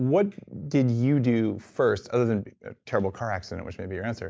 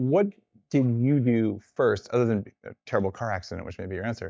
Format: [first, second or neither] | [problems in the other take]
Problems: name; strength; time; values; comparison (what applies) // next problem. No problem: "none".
first | noise reduction (neural mask model DeepFilterNet 3)